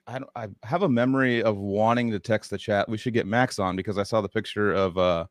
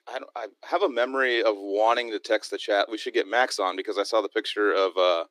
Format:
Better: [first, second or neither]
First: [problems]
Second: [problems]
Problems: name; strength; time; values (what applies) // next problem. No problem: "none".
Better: first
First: none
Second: thin; very; fading below 300 Hz